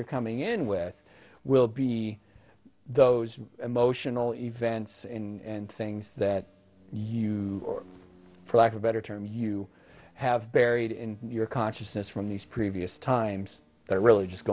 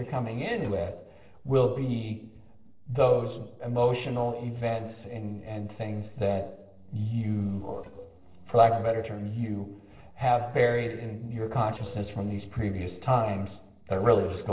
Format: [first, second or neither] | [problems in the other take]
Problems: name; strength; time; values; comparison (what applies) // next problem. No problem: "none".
first | noise reduction (neural separator model SepFormer DNS4)